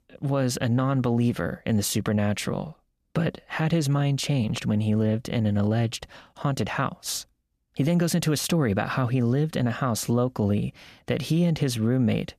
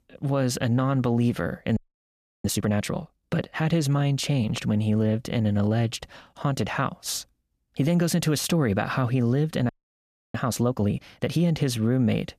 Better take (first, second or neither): first